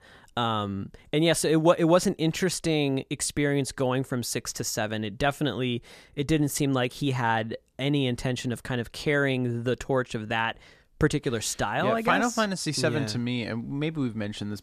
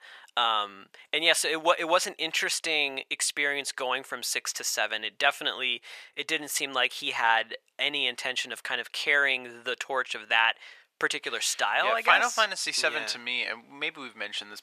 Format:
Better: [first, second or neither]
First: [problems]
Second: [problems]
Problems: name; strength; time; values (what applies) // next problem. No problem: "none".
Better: first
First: none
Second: thin; very; fading below 800 Hz